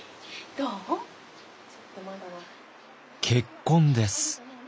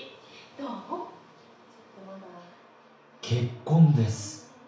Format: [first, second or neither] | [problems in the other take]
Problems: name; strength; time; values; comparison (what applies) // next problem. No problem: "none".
first | room echo; dies away in 0.6 s